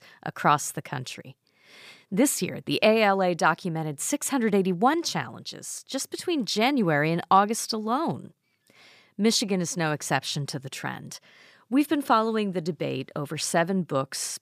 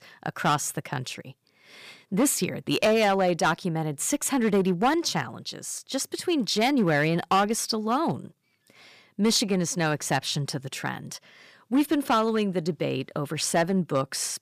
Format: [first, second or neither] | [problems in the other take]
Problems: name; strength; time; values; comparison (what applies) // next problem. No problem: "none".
first | distortion; slight; 4% of the sound clipped